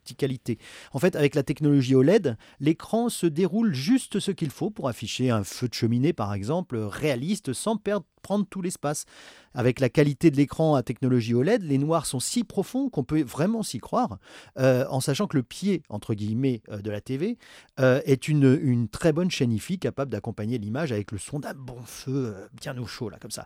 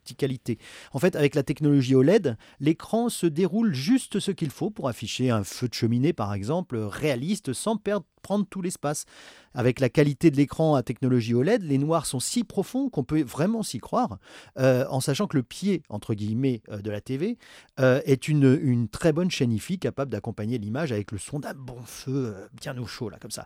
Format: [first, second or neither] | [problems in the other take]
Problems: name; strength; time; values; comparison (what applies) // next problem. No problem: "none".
neither | none